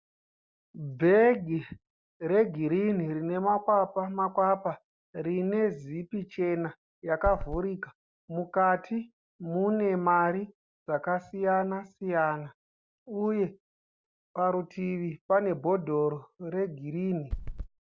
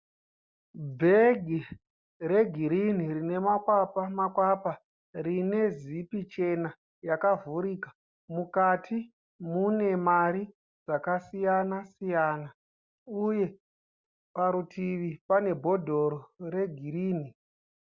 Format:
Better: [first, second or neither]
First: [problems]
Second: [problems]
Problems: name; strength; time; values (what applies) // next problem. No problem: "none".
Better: second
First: background sound (Run); 5 dB below the speech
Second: none